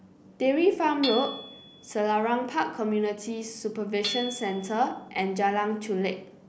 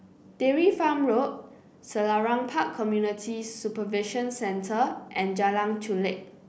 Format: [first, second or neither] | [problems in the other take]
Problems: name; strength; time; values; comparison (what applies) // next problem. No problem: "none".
second | background sound (Hammer / Chink, clink); 13 dB below the speech